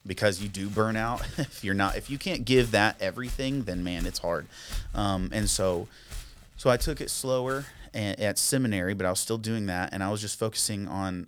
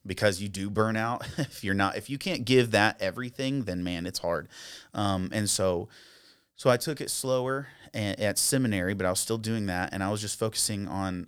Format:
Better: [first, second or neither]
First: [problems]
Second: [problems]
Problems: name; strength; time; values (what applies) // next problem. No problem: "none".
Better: second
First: footsteps; faint; until 8 s; peak 10 dB below the speech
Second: none